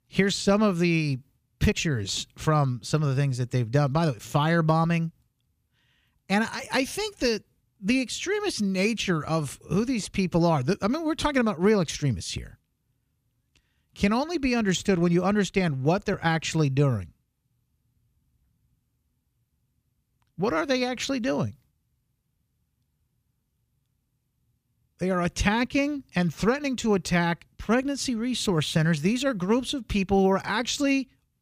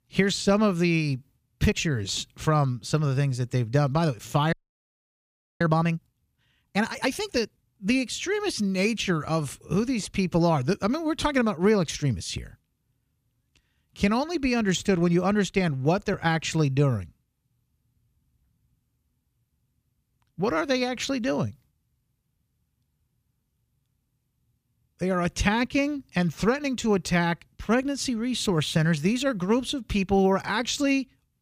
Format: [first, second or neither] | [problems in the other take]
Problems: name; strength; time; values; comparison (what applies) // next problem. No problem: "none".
first | audio freezing; at 4.5 s for 1 s